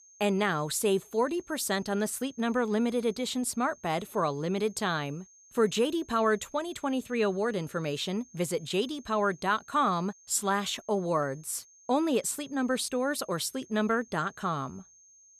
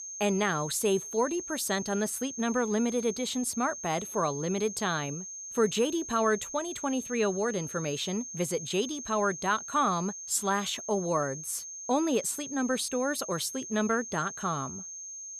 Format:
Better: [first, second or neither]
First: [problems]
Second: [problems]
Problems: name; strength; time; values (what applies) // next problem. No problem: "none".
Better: first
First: high-pitched whine; faint; throughout; 6.5 kHz, 25 dB below the speech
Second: high-pitched whine; loud; throughout; 6.5 kHz, 8 dB below the speech